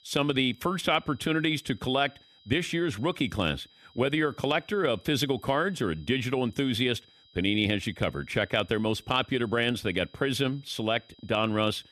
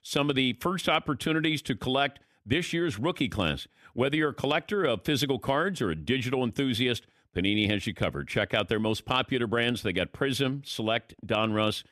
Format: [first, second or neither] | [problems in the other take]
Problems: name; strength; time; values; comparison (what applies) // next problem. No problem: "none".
second | high-pitched whine; faint; throughout; 4 kHz, 30 dB below the speech